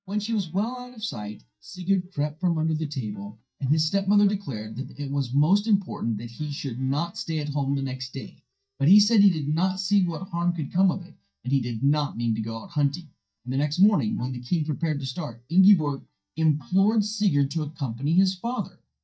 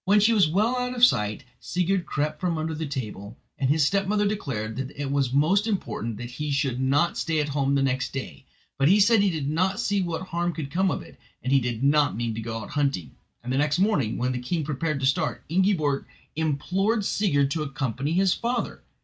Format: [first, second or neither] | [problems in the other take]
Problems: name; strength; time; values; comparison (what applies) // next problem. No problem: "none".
second | noise reduction (neural mask model DeepFilterNet 3)